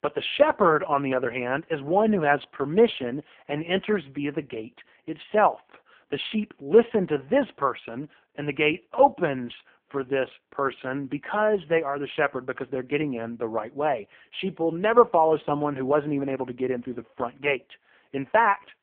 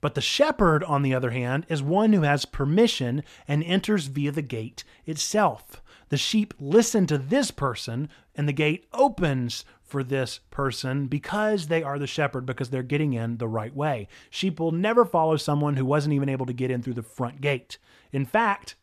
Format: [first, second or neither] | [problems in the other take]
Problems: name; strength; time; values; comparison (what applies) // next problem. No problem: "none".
second | phone-call audio; poor line; nothing above 3.5 kHz